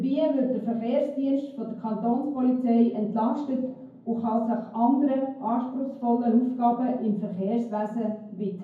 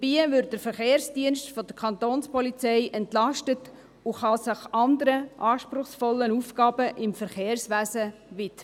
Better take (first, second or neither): second